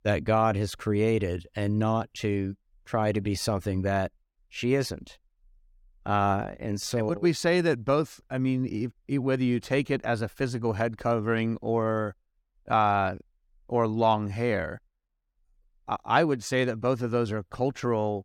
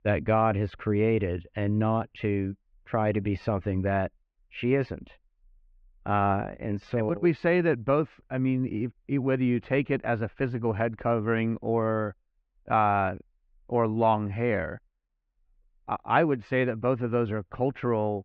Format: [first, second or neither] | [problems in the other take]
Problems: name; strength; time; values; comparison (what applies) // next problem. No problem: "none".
first | muffled; very; fading above 2.5 kHz